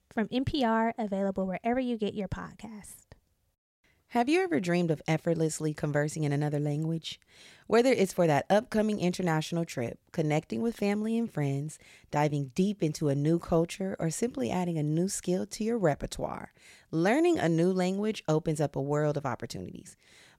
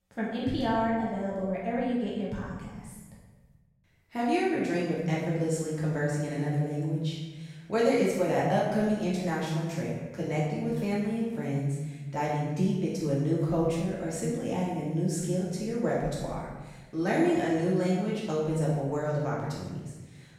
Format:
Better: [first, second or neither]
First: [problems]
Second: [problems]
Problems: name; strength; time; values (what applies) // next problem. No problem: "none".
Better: first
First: none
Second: off-mic speech; far // room echo; strong; dies away in 1.2 s